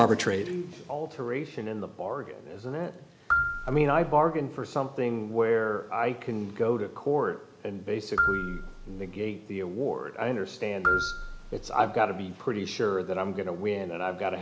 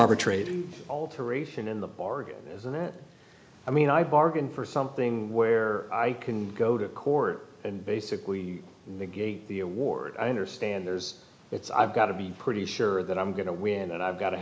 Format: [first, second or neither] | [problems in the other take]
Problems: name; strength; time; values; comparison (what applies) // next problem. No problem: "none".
second | background sound (Marimba, xylophone); 4 dB below the speech